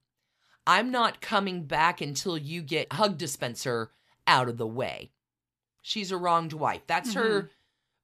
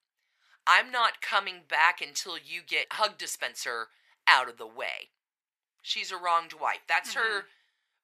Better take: first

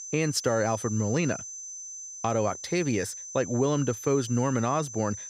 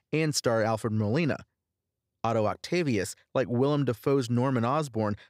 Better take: second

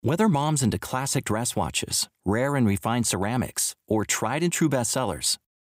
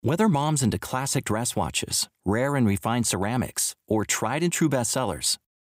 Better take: neither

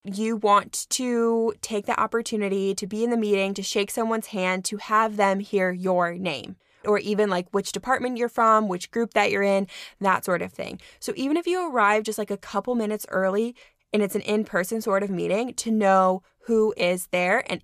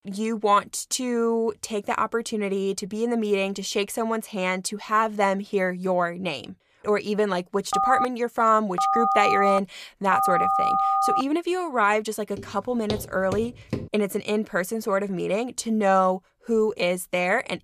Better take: first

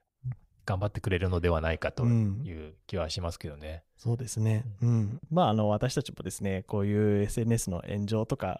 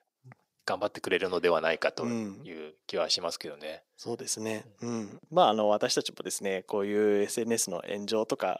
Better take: first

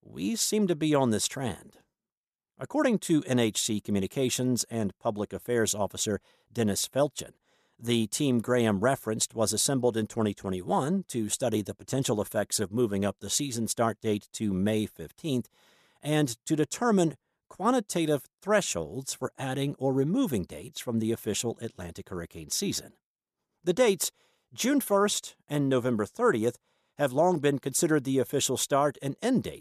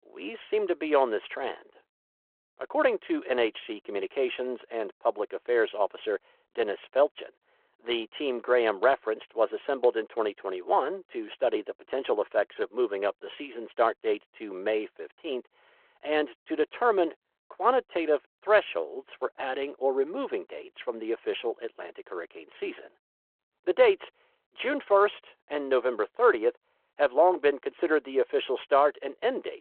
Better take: first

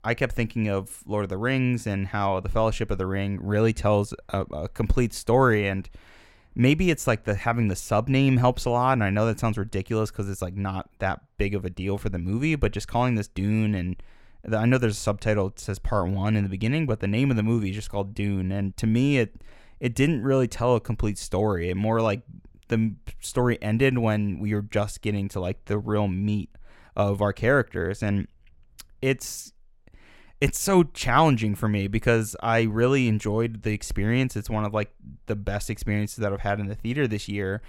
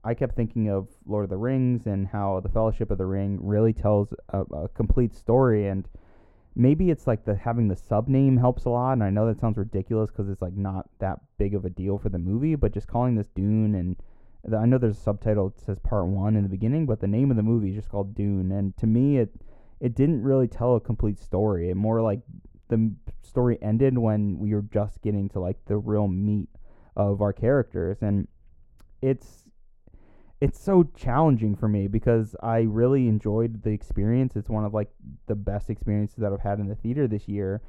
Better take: first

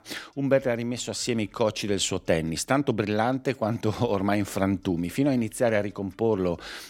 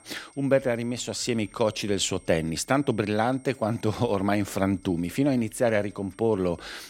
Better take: first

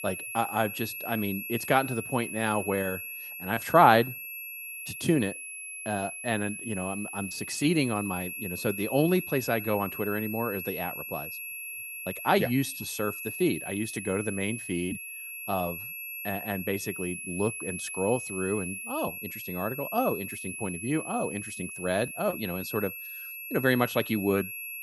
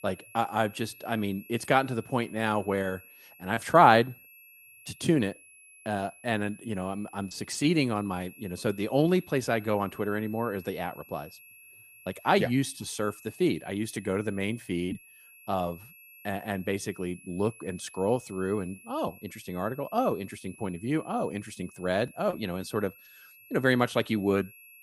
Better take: second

